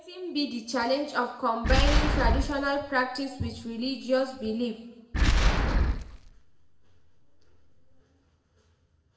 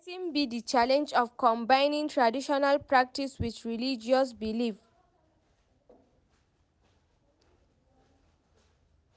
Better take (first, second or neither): second